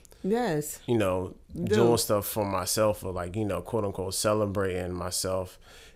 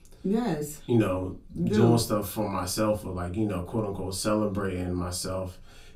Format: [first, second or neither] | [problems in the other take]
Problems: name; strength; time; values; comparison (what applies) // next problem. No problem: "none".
first | off-mic speech; far // room echo; very slight; dies away in 0.2 s